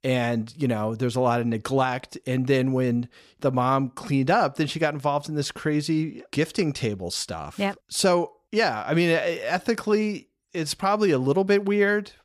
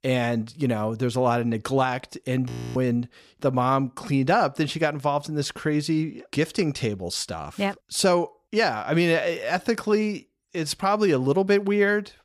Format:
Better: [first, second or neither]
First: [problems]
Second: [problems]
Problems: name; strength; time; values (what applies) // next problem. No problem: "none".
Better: first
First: none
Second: audio freezing; at 2.5 s